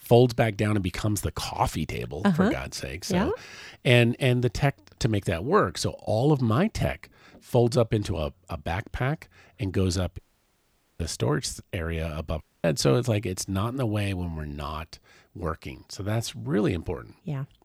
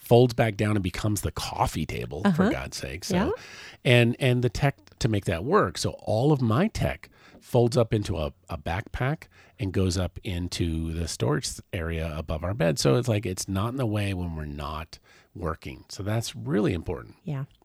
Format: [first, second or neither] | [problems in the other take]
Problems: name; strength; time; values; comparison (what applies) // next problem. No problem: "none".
second | audio cutting out; at 10 s for 1 s and at 12 s